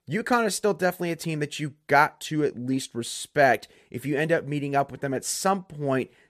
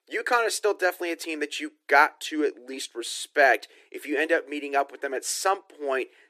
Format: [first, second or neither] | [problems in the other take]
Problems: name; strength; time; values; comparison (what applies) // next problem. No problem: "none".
first | thin; somewhat; fading below 300 Hz